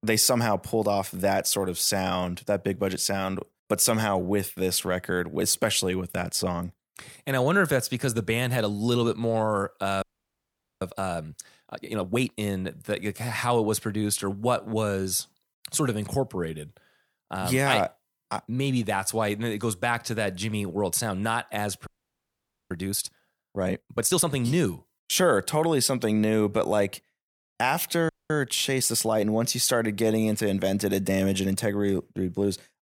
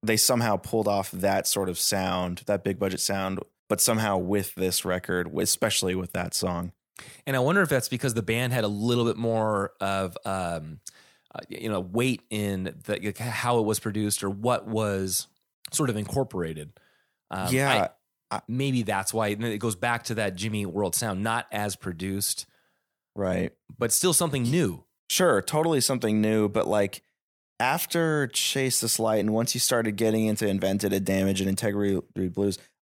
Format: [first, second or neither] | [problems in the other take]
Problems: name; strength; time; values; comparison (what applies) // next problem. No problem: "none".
second | audio freezing; at 10 s for 1 s, at 22 s for 1 s and at 28 s